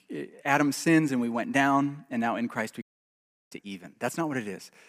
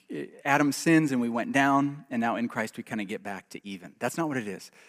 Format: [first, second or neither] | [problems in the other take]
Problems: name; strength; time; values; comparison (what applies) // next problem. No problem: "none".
second | audio cutting out; at 3 s for 0.5 s